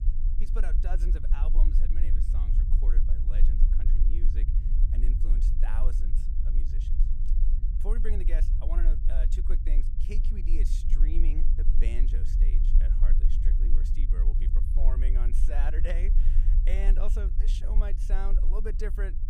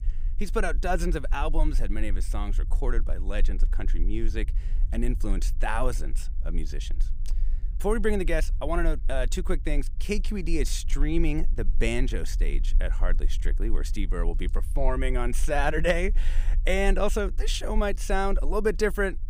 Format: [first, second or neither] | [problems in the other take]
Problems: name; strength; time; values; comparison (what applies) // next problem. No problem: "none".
second | low rumble; loud; throughout; 6 dB below the speech; faint in the second